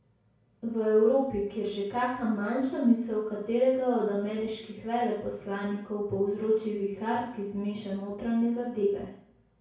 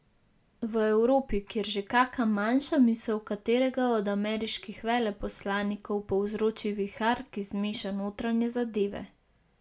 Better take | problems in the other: second | room echo; dies away in 0.6 s

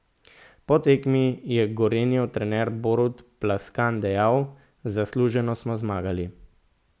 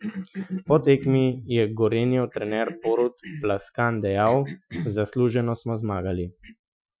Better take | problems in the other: first | noise reduction (classical method Wiener filter)

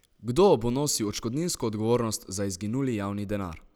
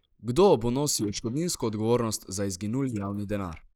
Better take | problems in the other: first | noise reduction (neural mask model Resemble Enhance denoiser)

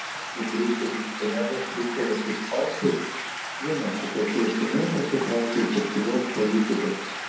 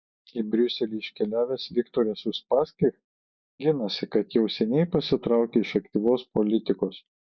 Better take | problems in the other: second | background sound (Stream); 7 dB below the speech // room echo; dies away in 1.2 s

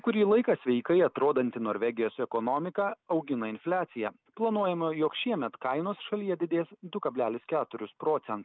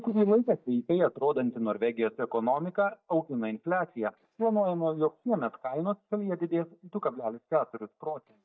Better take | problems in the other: first | noise reduction (neural mask model DeepFilterNet 3)

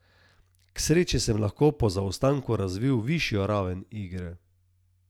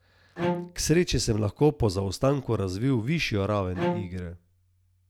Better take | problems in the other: first | background sound (Bowed string instrument); 6 dB below the speech

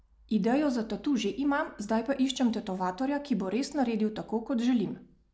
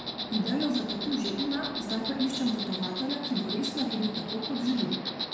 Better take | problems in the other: first | background sound (Insect); 4 dB below the speech // room echo; dies away in 1 s

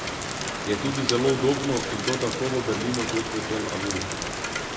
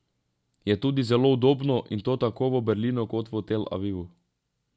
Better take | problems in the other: second | background sound (Rain); 2 dB below the speech // room echo; dies away in 0.9 s

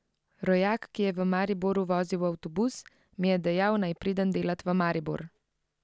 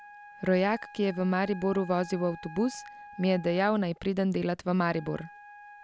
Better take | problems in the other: first | background sound (Wind instrument, woodwind instrument); 19 dB below the speech

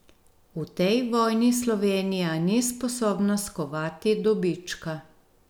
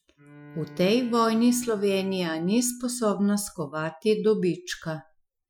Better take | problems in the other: first | noise reduction (classical method Wiener filter)

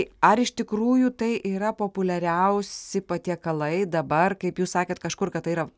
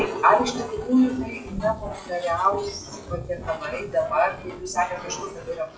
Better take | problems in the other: first | noise reduction (classical method WPE with log-MMSE)

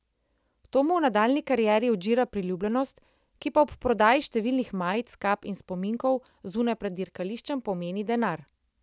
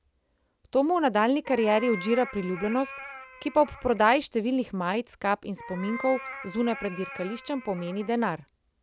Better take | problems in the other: first | background sound (Meow); 16 dB below the speech

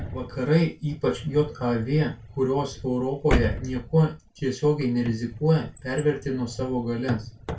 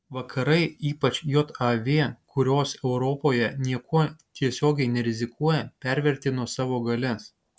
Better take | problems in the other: second | background sound (Drawer open or close); 9 dB below the speech // room echo; dies away in 0.2 s

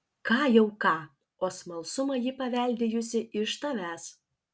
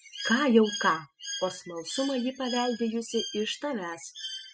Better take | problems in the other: first | noise reduction (classical method spectral subtraction)

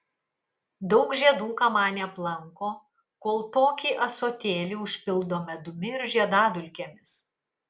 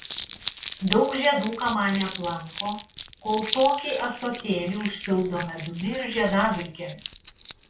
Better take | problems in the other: first | background sound (Crumpling, crinkling); 11 dB below the speech // room echo; dies away in 0.2 s

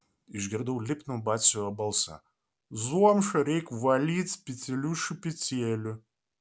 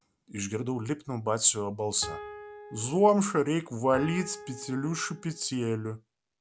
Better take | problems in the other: first | background sound (Piano); 14 dB below the speech

